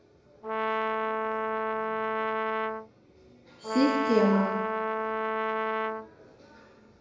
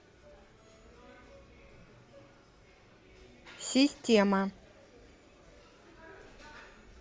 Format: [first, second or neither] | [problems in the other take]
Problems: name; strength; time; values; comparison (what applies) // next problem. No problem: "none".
second | background sound (Brass instrument); 3 dB above the speech // room echo; dies away in 1 s